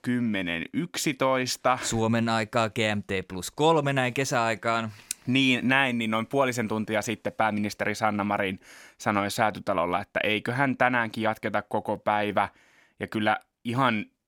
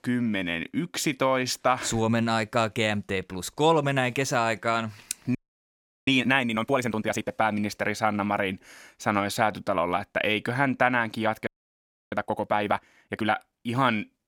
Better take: first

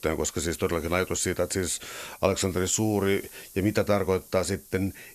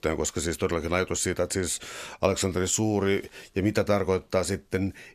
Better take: second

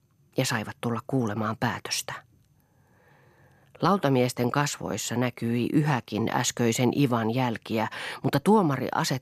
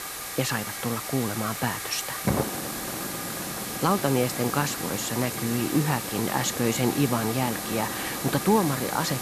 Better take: first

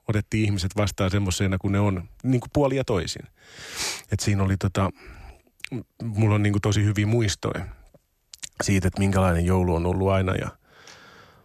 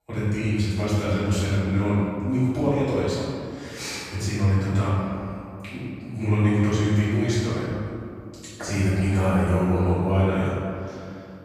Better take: first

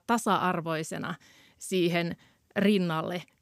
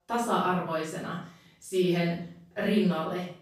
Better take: first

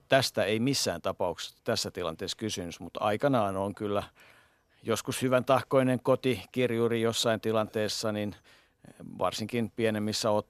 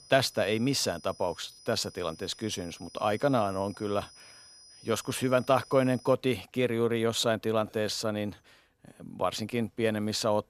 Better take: first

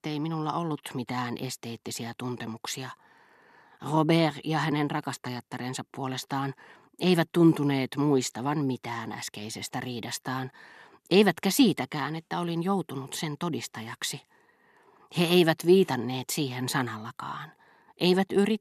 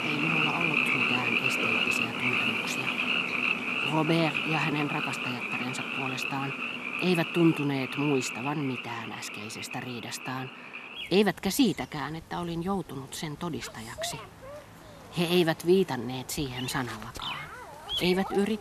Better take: first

